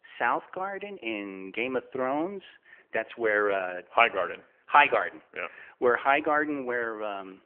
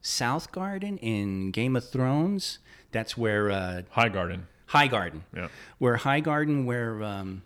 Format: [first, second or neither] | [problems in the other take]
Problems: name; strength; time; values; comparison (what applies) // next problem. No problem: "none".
second | phone-call audio